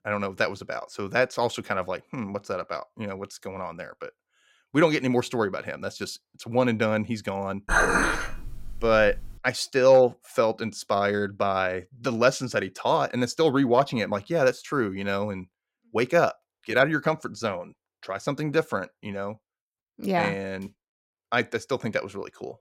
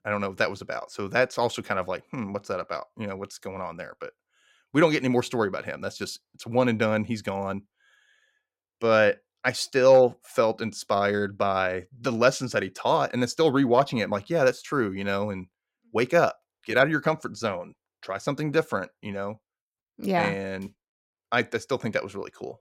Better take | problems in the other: second | clattering dishes; loud; from 7.5 to 9.5 s; peak 5 dB above the speech

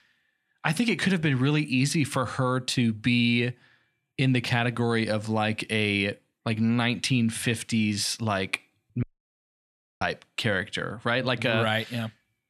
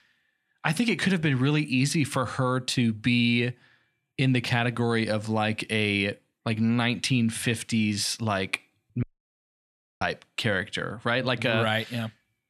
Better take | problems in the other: neither | audio cutting out; at 9 s for 1 s; the same in both

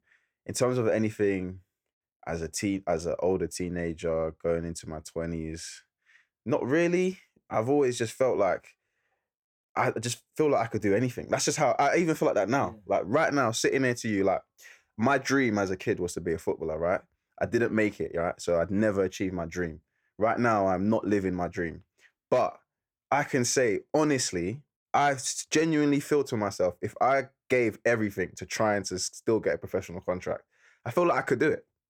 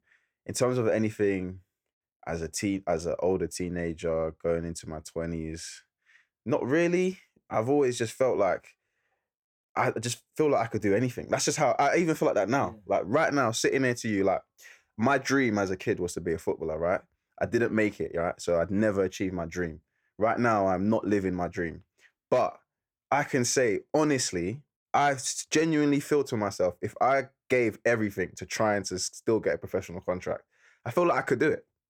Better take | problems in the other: neither | none

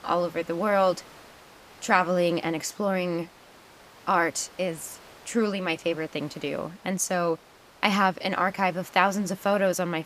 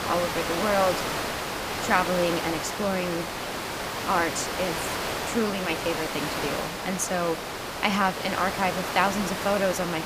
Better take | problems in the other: first | hiss; loud; throughout; 3 dB below the speech; faint in the first

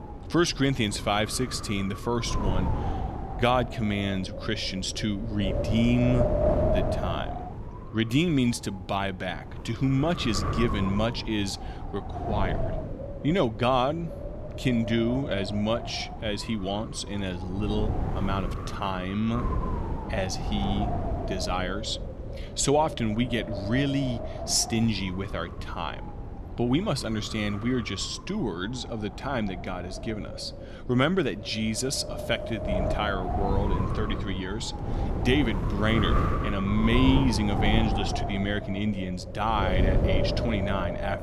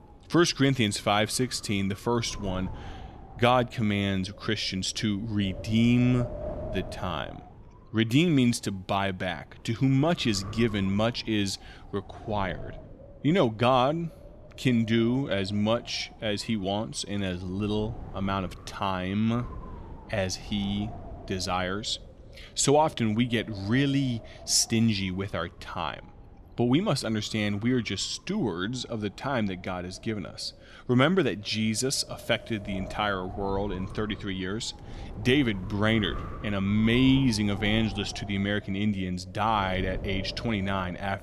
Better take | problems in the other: second | wind noise on the microphone; heavy; 5 dB below the speech; occasional gusts in the second

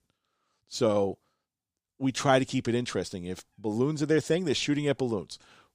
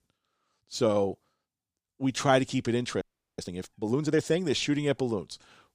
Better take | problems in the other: first | audio freezing; at 3 s

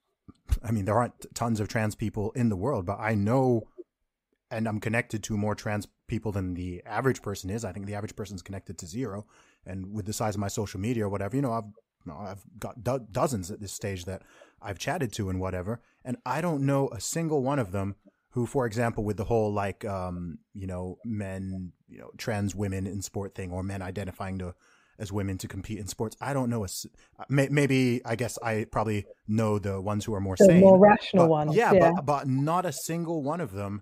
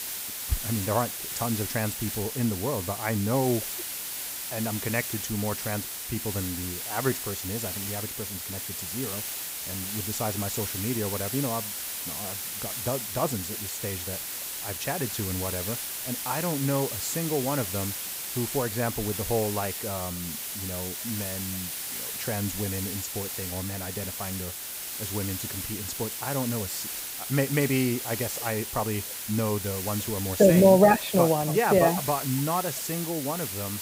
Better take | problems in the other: first | hiss; loud; throughout; 3 dB below the speech

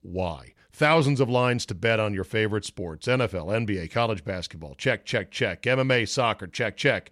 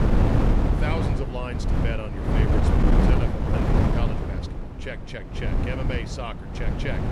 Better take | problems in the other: first | wind noise on the microphone; heavy; 4 dB above the speech

